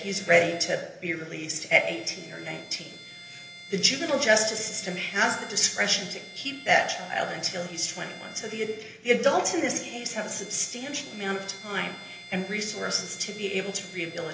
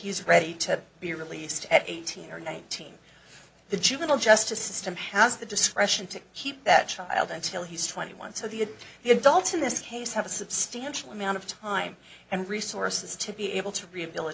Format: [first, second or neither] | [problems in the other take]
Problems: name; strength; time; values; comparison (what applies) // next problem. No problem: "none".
second | background sound (Bowed string instrument); 17 dB below the speech // room echo; dies away in 0.8 s